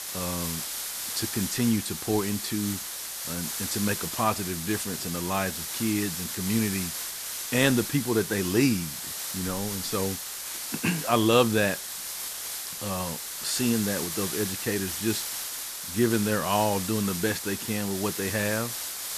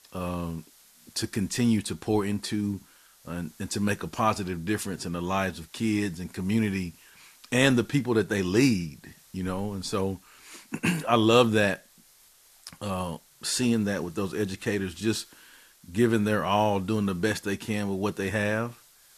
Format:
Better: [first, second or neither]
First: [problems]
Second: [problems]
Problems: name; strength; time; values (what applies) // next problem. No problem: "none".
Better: second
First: hiss; loud; throughout; 4 dB below the speech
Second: hiss; faint; throughout; 30 dB below the speech